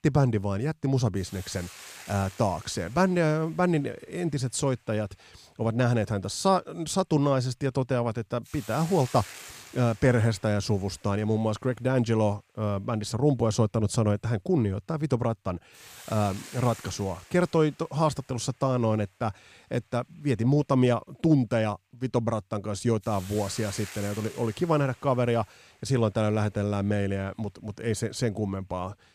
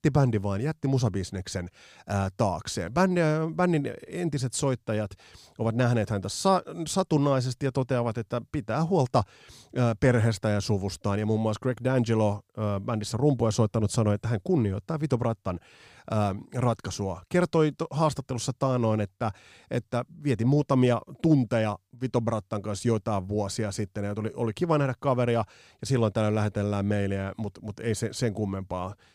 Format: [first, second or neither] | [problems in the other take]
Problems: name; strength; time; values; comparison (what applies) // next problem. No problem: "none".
second | hiss; noticeable; throughout; 20 dB below the speech